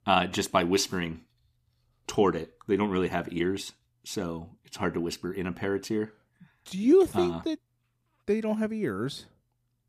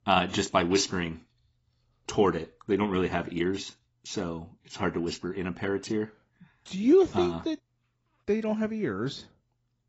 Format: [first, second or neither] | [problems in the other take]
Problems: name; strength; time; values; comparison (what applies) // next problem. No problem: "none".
first | garbled, watery; badly; nothing above 7.5 kHz